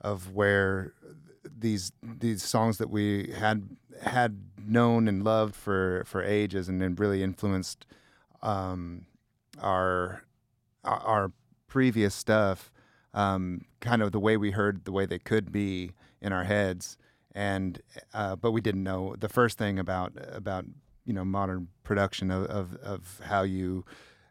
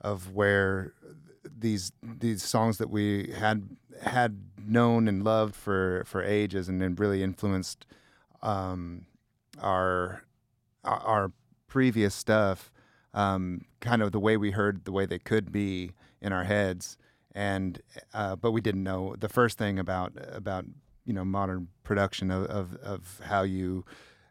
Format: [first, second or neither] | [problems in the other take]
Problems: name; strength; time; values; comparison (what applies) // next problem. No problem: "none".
neither | none